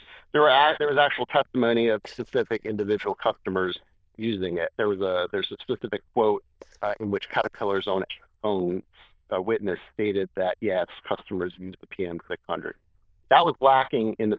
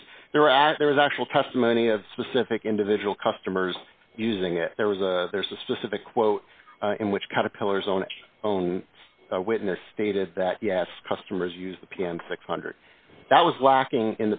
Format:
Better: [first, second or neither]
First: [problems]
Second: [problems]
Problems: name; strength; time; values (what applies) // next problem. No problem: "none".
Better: second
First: noise reduction (neural diffusion model UNIVERSE++)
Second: none